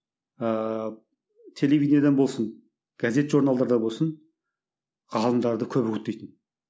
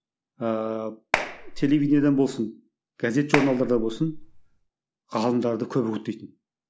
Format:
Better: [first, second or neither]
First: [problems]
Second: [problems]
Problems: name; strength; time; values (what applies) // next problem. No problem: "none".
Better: first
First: none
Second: background sound (Clapping); 6 dB below the speech